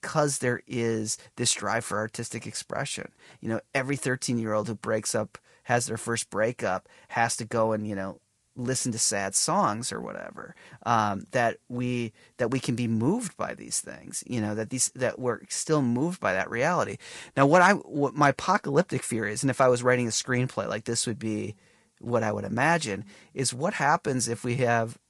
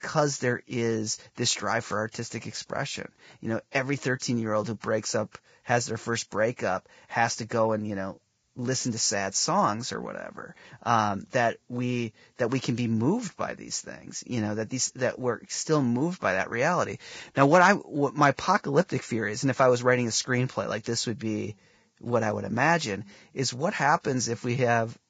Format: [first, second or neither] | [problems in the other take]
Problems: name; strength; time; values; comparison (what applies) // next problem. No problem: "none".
first | garbled, watery; badly; nothing above 7.5 kHz; slightly in the first